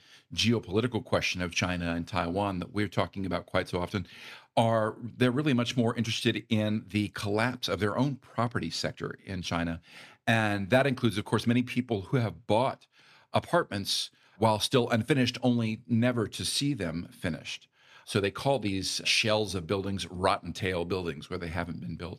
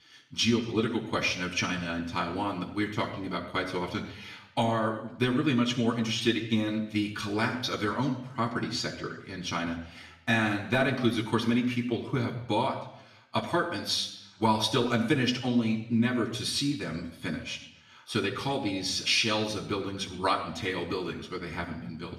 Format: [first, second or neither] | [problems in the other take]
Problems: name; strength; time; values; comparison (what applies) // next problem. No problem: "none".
first | room echo; slight; dies away in 0.8 s // off-mic speech; somewhat distant